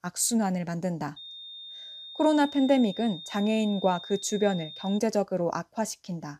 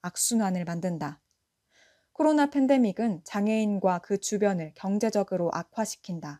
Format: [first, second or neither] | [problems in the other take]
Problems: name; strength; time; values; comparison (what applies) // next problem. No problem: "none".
second | high-pitched whine; noticeable; from 1 to 5 s; 3.5 kHz, 15 dB below the speech